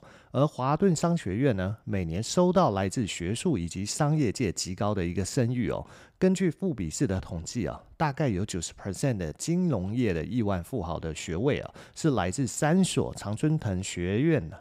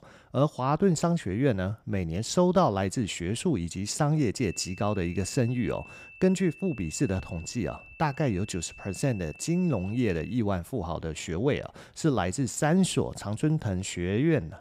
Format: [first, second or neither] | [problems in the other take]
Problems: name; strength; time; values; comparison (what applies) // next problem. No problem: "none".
first | high-pitched whine; noticeable; from 4.5 to 10 s; 2.5 kHz, 20 dB below the speech